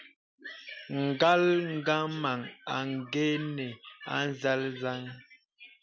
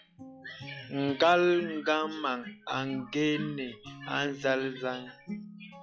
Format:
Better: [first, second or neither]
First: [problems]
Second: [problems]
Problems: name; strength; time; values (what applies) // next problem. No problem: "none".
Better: first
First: none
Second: noise reduction (classical method log-MMSE)